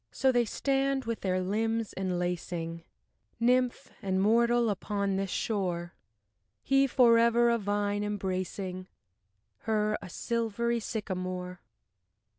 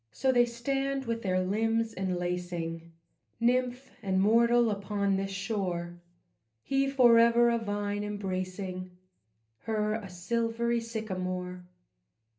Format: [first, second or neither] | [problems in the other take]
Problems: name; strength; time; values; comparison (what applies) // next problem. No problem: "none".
first | room echo; dies away in 0.3 s